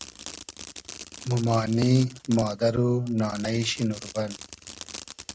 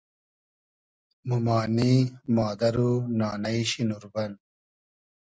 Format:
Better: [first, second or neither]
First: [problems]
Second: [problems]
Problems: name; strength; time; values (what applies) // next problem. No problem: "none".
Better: second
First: background sound (Fireworks); 16 dB below the speech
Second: none